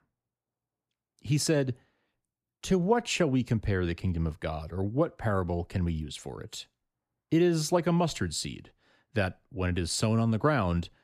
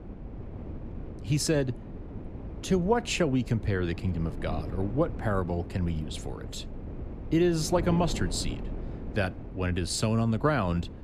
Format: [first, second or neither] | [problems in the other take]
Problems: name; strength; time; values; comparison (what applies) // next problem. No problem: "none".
first | wind noise on the microphone; occasional gusts; 15 dB below the speech